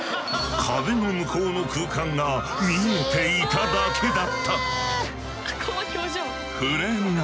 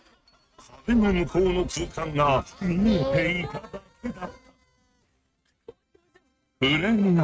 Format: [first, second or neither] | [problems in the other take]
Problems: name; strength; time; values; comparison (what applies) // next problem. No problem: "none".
first | noise reduction (neural mask model RNNoise)